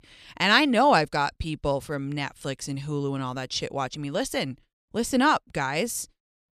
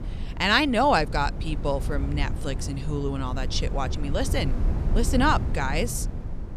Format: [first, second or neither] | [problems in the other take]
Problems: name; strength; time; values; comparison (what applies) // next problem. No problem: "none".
first | wind noise on the microphone; occasional gusts; 15 dB below the speech